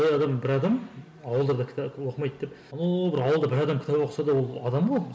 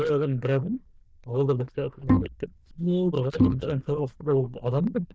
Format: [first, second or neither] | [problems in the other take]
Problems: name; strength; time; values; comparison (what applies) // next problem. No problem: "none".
first | noise reduction (neural diffusion model UNIVERSE++)